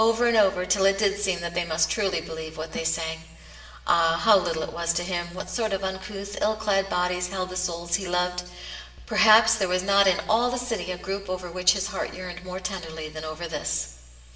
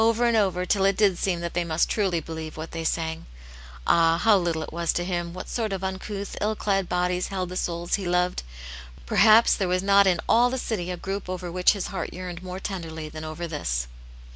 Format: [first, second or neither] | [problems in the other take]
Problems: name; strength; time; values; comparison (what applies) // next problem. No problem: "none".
second | background sound (Snare drum); 15 dB below the speech // room echo; dies away in 1 s